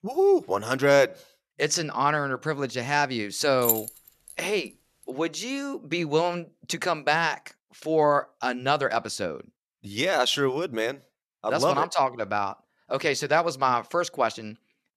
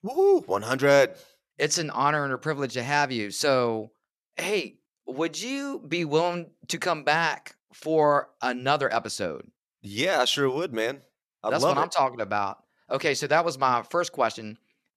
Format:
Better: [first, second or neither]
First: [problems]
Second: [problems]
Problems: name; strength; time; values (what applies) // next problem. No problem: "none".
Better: second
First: jangling keys; loud; at 3.5 s; peak 1 dB above the speech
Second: none